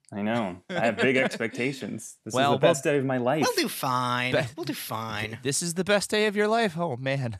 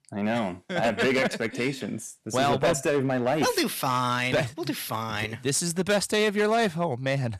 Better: first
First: none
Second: distortion; slight; 7% of the sound clipped

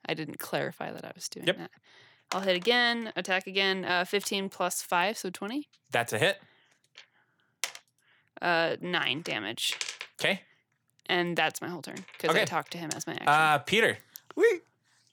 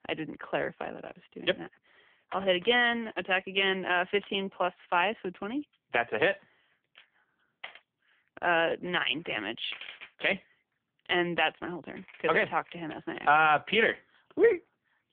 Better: first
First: none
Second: phone-call audio; poor line; nothing above 3.5 kHz

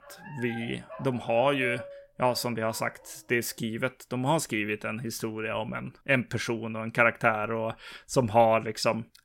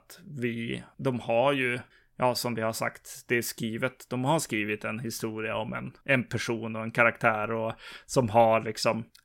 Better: second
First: dog barking; faint; until 3 s; peak 10 dB below the speech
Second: none

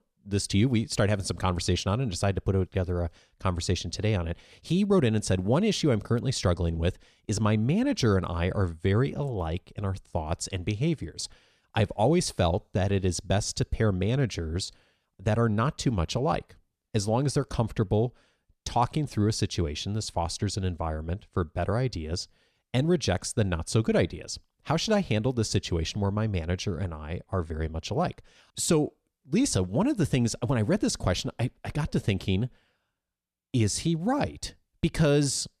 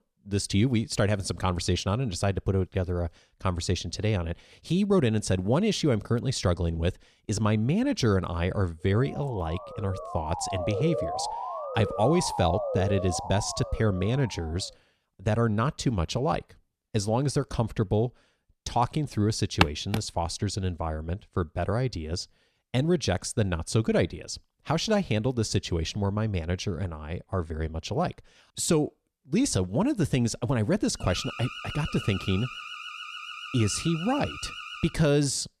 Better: first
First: none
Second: siren; noticeable; from 9 to 14 s; peak 2 dB below the speech // footsteps; very faint; at 20 s; peak 2 dB above the speech // alarm; noticeable; from 31 to 35 s; peak 9 dB below the speech

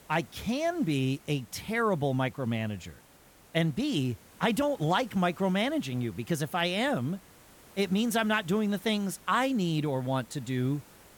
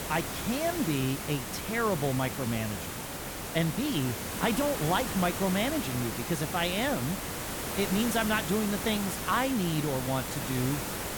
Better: first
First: hiss; faint; throughout; 25 dB below the speech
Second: hiss; loud; throughout; 4 dB below the speech

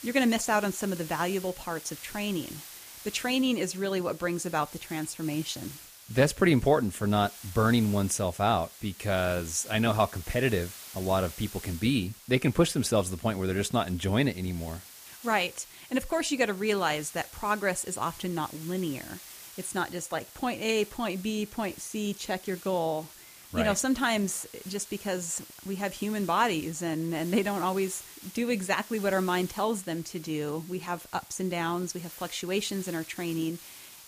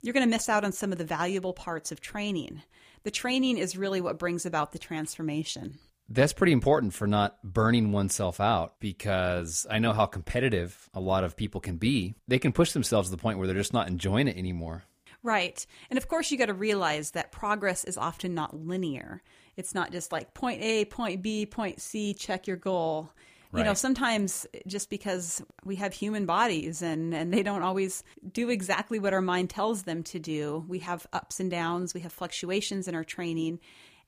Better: second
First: hiss; noticeable; throughout; 15 dB below the speech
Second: none

